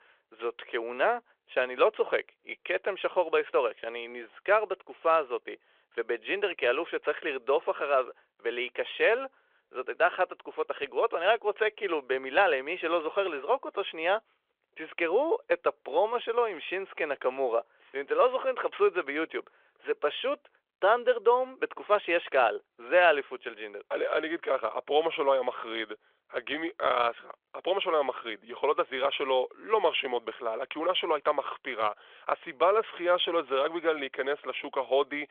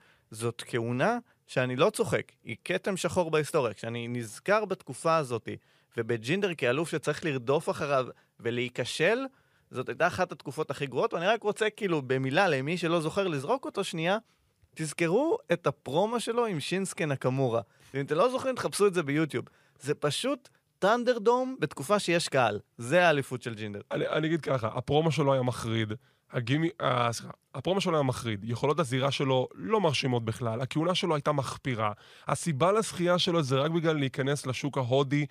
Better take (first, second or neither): second